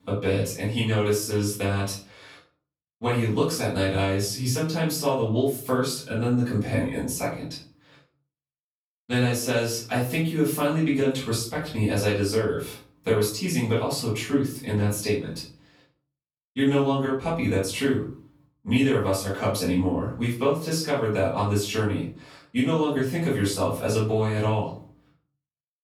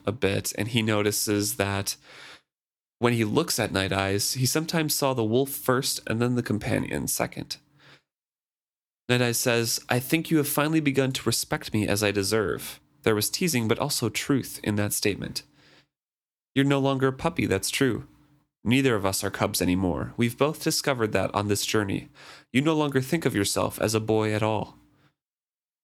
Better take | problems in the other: second | off-mic speech; far // room echo; noticeable; dies away in 0.4 s

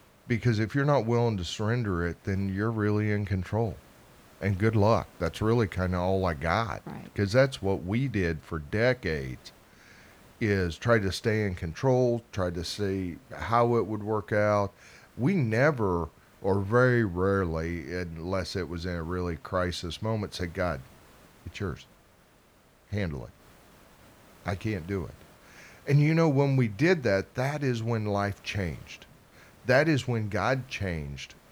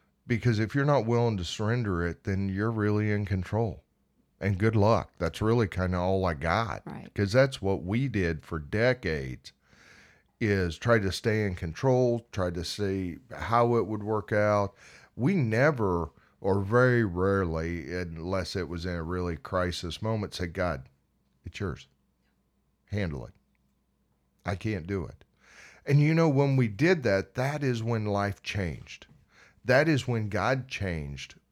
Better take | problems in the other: second | hiss; faint; throughout; 30 dB below the speech

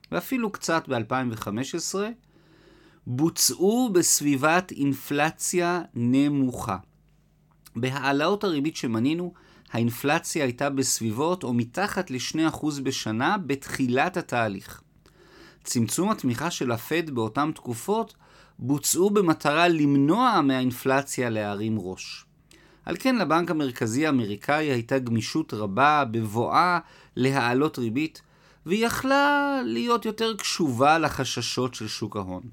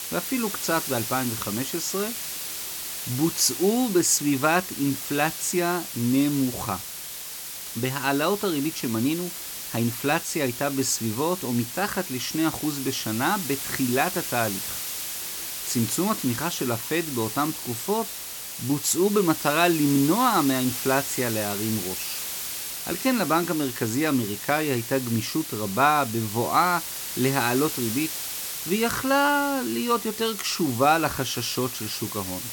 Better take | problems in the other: first | hiss; loud; throughout; 6 dB below the speech

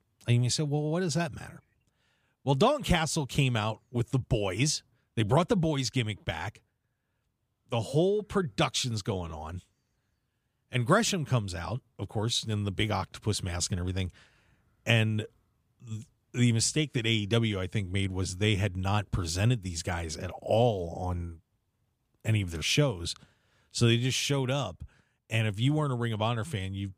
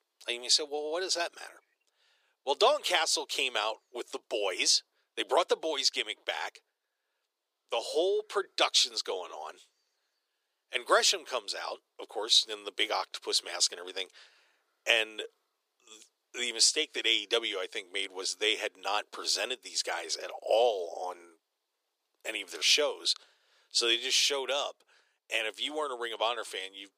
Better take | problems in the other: first | thin; very; fading below 400 Hz

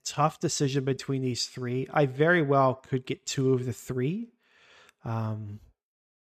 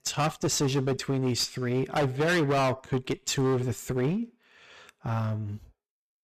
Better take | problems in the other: first | distortion; heavy; 16% of the sound clipped

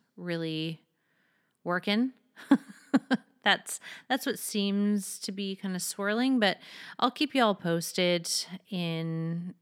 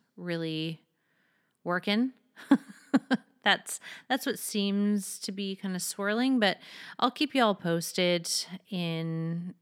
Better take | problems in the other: neither | none

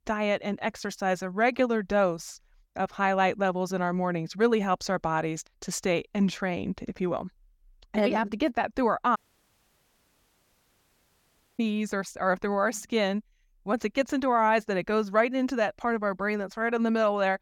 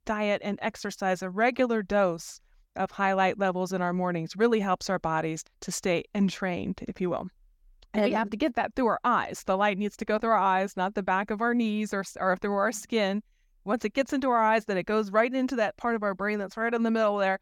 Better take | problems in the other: second | audio cutting out; at 9 s for 2.5 s

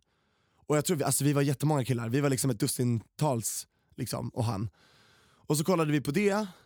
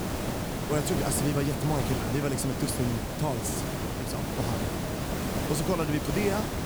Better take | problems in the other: first | hiss; loud; throughout; 1 dB below the speech

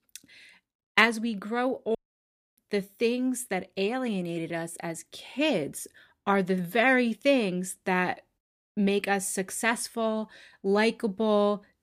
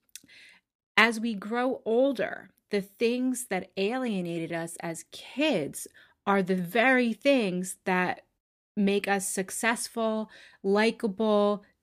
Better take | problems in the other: second | audio cutting out; at 2 s for 0.5 s

